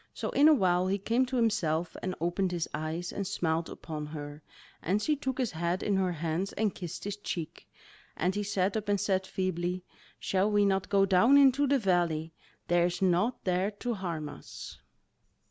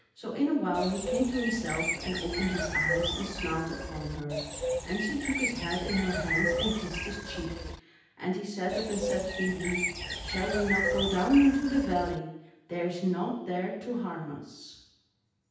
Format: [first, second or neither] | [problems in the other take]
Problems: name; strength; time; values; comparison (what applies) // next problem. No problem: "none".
first | background sound (Bird); 2 dB below the speech // room echo; dies away in 0.9 s